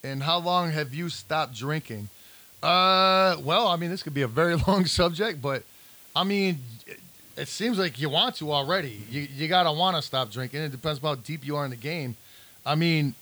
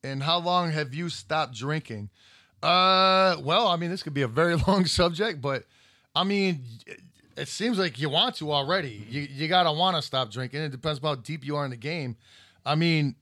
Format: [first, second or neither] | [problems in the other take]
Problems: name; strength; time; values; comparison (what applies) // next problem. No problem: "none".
second | hiss; faint; throughout; 25 dB below the speech